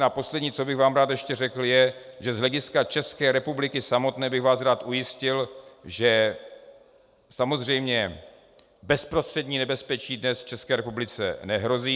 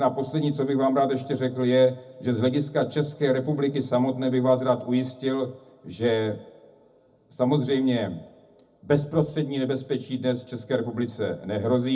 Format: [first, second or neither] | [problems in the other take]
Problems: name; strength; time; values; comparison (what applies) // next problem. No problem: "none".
first | room echo; dies away in 0.4 s